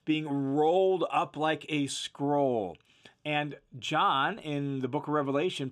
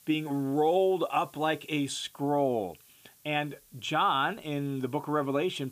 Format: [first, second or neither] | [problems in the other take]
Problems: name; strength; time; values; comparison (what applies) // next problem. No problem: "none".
first | hiss; faint; throughout; 25 dB below the speech